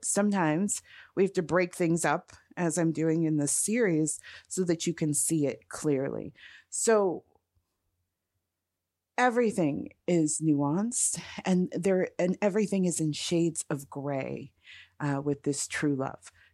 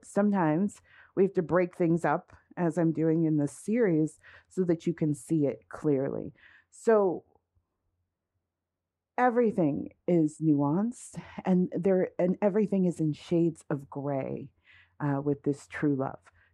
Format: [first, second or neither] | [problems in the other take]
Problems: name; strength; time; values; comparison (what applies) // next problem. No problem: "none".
first | muffled; very; fading above 2.5 kHz